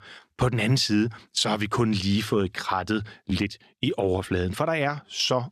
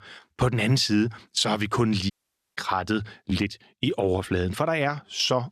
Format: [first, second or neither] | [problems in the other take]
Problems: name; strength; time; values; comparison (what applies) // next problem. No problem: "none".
first | audio cutting out; at 2 s